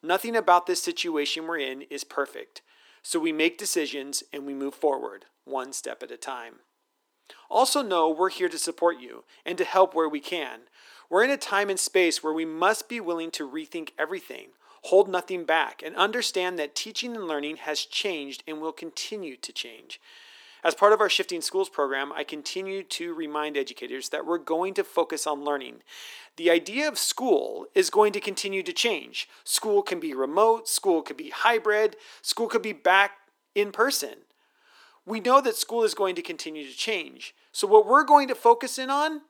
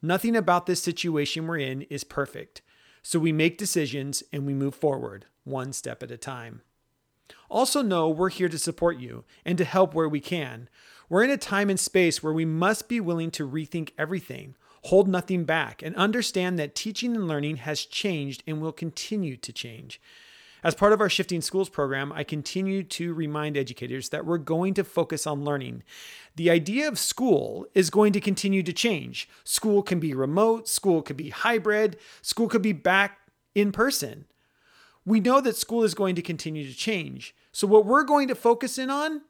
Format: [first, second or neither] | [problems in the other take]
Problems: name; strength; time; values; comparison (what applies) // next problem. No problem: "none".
second | thin; somewhat; fading below 300 Hz